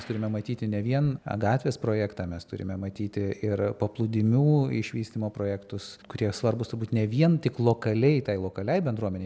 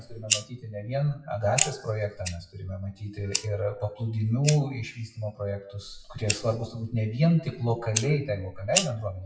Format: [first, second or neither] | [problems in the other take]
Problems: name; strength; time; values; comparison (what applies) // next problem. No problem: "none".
first | noise reduction (classical method WPE with log-MMSE)